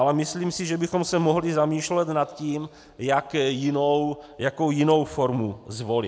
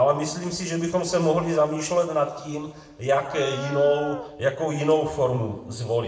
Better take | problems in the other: first | background sound (Dog); 9 dB below the speech // room echo; dies away in 0.9 s

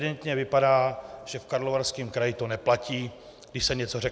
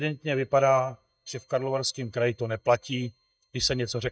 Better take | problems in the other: first | noise reduction (neural mask model DeepFilterNet 3)

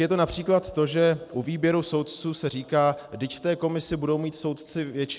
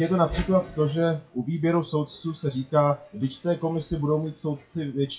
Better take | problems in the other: first | noise reduction (classical method WPE with log-MMSE)

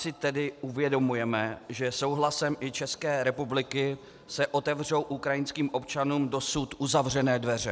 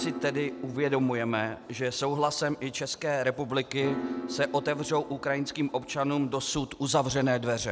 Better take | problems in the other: first | background sound (Piano); 12 dB below the speech

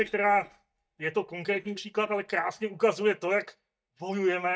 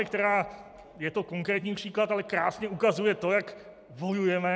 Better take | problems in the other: second | noise reduction (neural mask model DeepFilterNet 3)

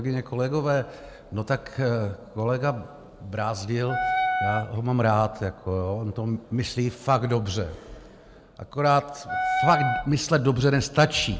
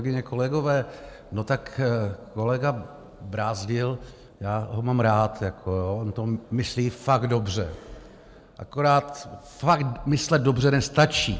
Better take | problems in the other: second | background sound (Wind instrument, woodwind instrument); 2 dB below the speech

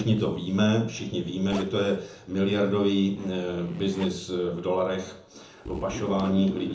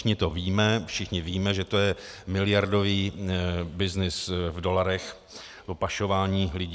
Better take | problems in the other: second | background sound (Zipper (clothing)); 15 dB below the speech // room echo; dies away in 0.6 s

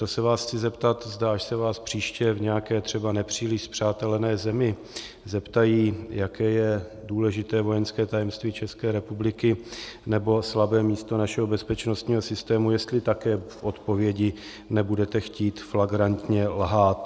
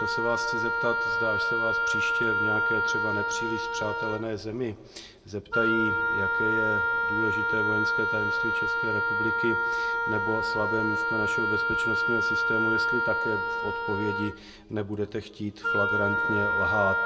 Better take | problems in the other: first | background sound (Wind instrument, woodwind instrument); 5 dB above the speech // room echo; dies away in 1.9 s

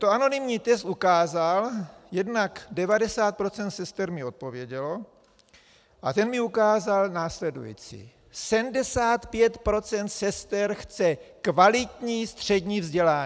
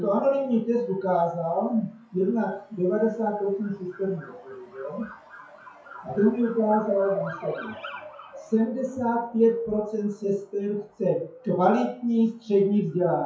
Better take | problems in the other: first | noise reduction (classical method WPE with log-MMSE)

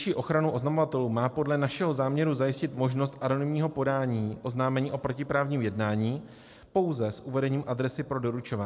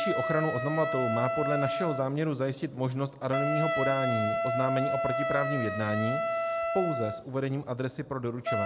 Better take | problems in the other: first | background sound (Wind instrument, woodwind instrument); as loud as the speech

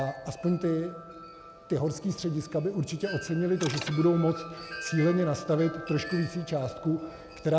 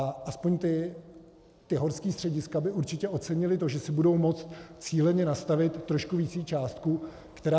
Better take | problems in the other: second | background sound (Wind chime + Mechanisms); 14 dB below the speech

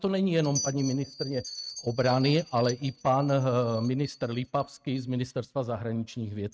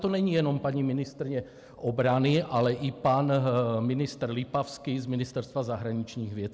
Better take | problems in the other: second | noise reduction (neural mask model RNNoise)

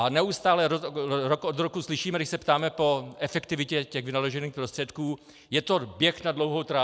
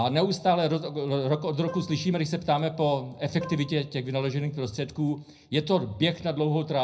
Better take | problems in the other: first | background sound (Plucked string instrument); 18 dB below the speech // room echo; dies away in 0.4 s

